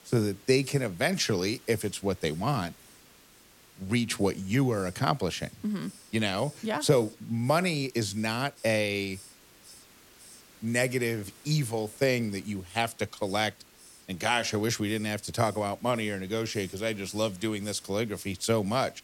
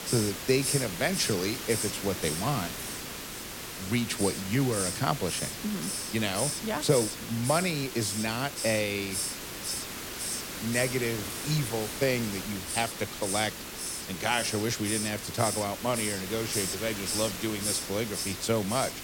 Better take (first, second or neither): first